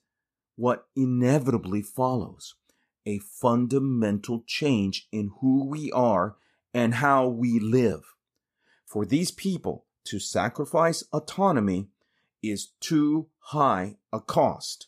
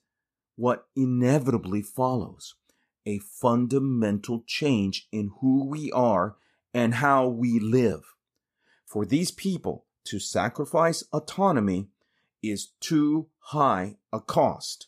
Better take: neither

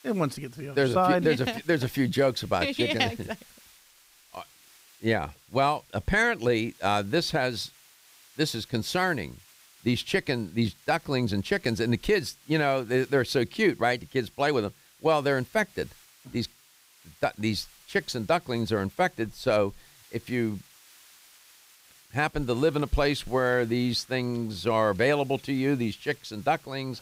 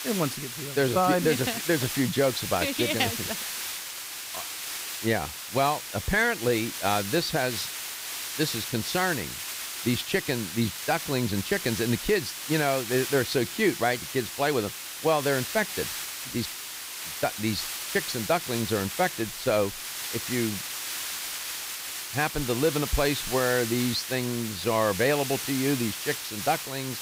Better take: first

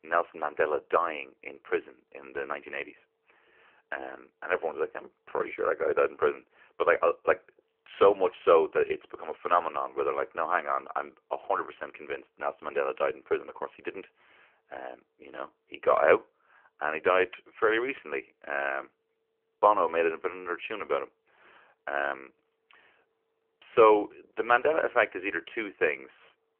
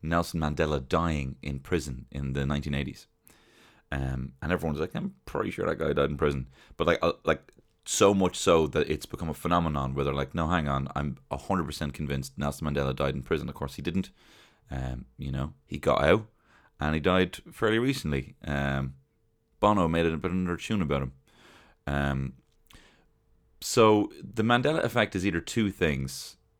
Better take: second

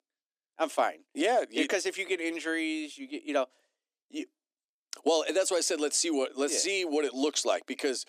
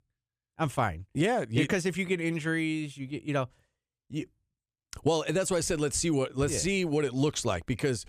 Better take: second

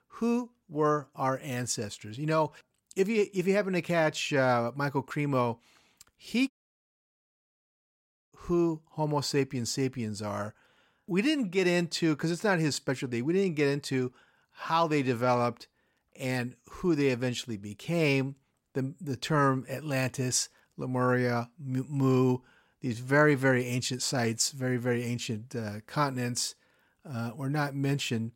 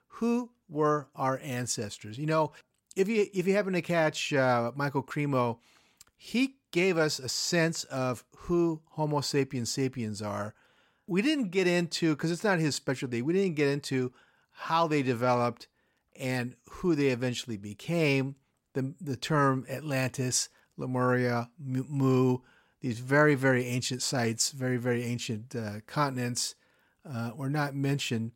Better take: second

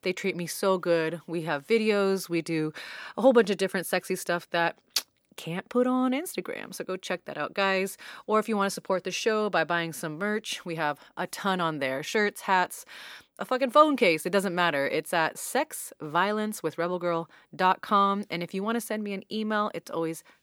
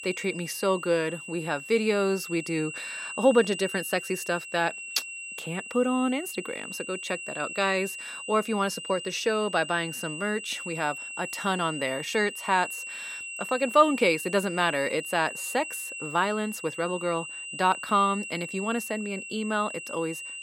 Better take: first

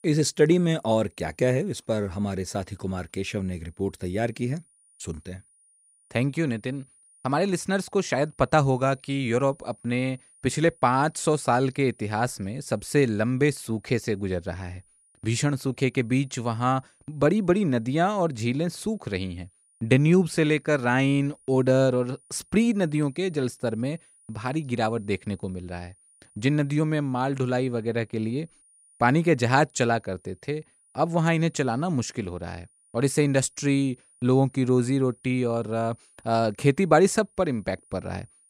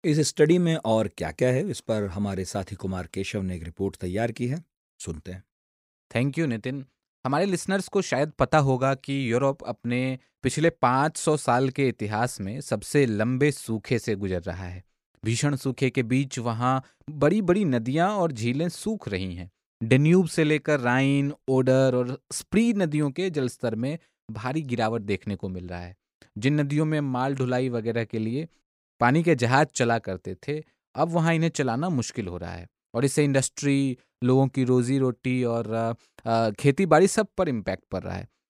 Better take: second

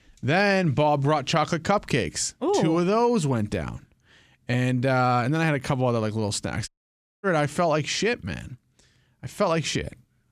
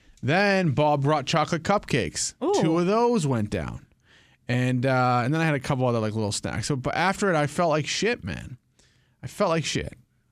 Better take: second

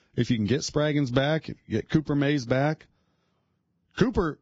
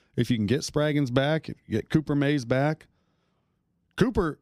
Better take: second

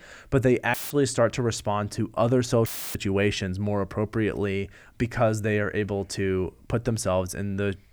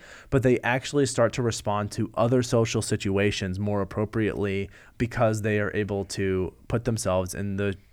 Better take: second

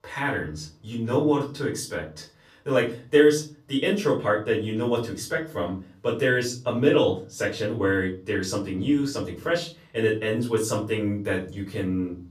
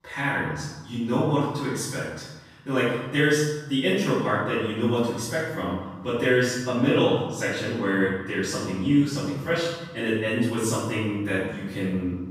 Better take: first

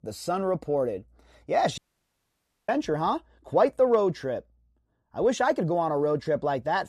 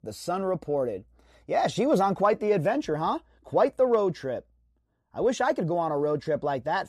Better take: second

